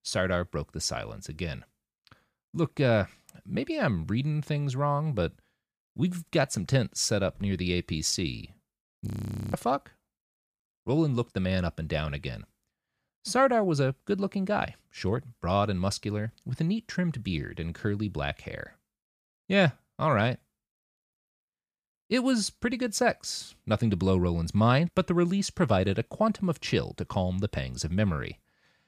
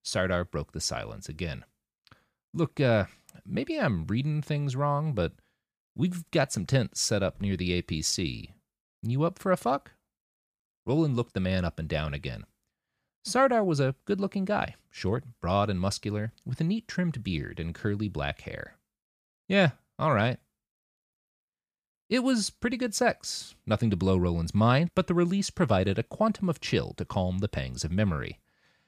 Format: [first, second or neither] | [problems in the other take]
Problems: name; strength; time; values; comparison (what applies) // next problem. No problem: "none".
second | audio freezing; at 9 s